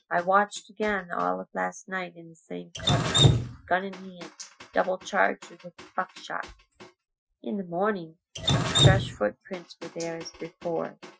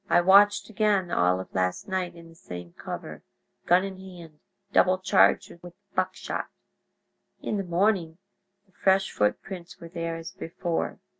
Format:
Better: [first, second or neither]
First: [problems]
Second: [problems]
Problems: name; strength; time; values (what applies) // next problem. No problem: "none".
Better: second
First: noise reduction (classical method Wiener filter)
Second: none